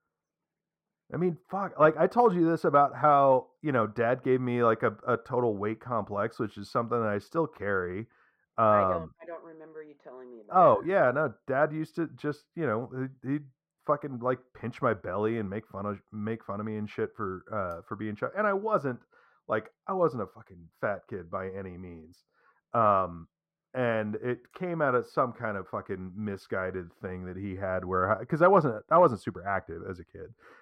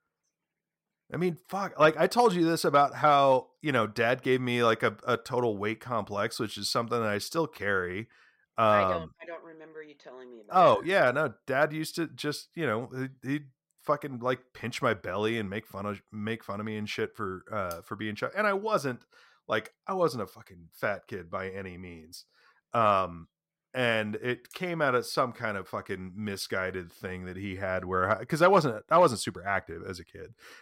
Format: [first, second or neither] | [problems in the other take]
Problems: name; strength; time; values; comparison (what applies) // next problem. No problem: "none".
second | muffled; very; fading above 2 kHz